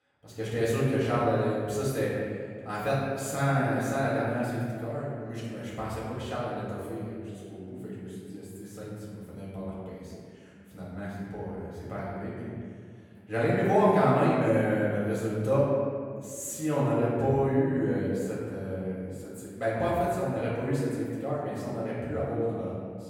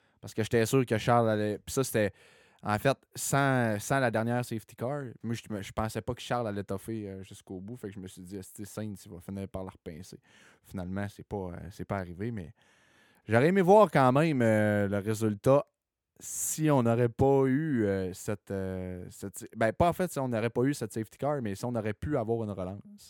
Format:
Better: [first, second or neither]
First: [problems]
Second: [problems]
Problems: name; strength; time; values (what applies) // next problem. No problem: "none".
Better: second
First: off-mic speech; far // room echo; strong; dies away in 1.9 s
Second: none